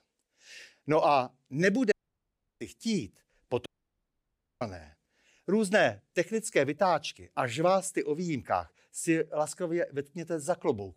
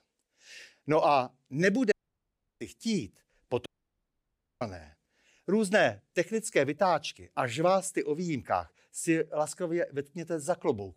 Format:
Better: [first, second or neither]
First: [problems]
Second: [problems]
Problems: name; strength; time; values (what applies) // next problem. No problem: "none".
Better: neither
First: audio cutting out; at 2 s for 0.5 s and at 3.5 s for 1 s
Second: audio cutting out; at 2 s for 0.5 s and at 3.5 s for 1 s